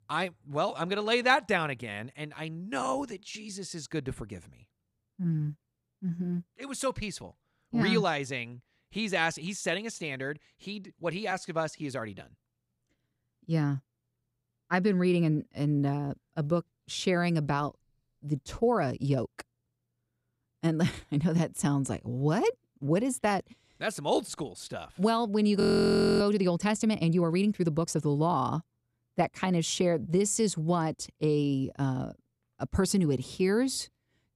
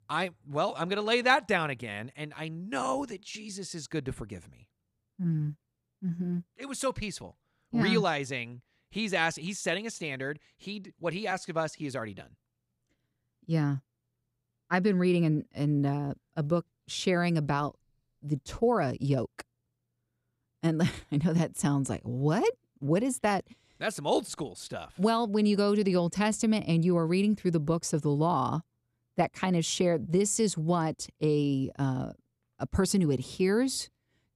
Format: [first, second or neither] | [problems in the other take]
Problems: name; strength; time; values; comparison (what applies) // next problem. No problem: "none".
second | audio freezing; at 26 s for 0.5 s